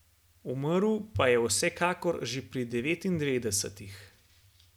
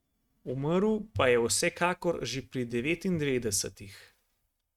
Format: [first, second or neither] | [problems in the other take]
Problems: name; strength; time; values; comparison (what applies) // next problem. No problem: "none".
first | noise reduction (neural mask model RNNoise)